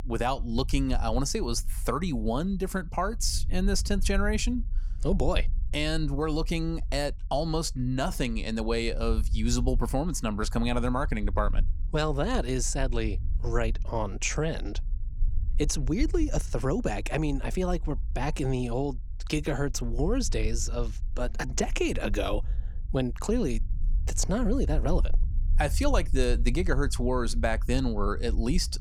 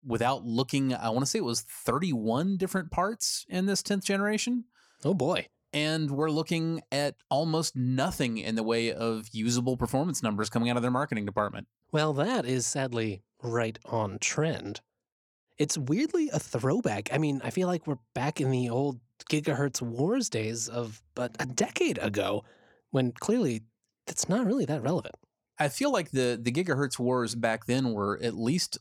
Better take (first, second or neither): second